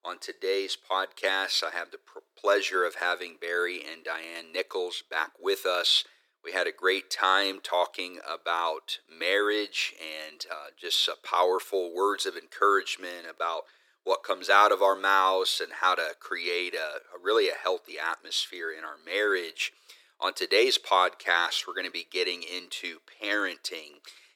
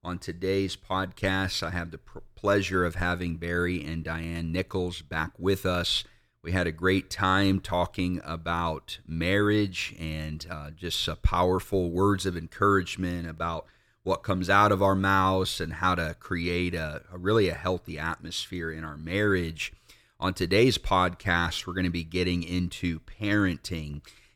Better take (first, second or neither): second